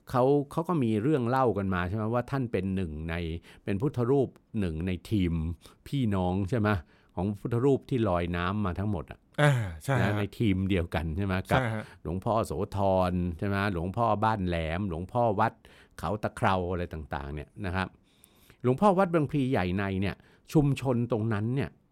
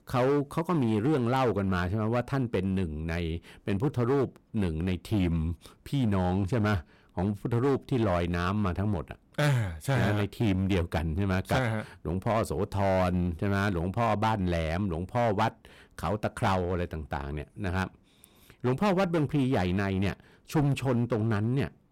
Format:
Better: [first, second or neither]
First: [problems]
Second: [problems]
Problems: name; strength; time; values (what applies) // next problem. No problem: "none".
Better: first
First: none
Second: distortion; slight; 9% of the sound clipped